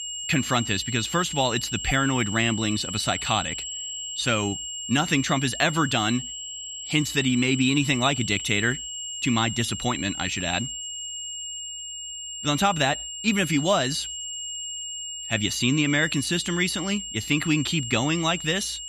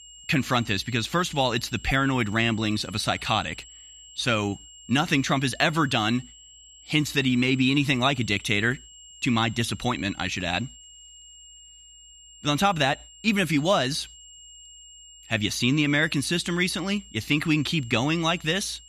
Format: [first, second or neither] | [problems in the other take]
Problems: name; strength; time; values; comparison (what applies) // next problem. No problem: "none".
second | high-pitched whine; loud; throughout; 3 kHz, 7 dB below the speech; faint in the second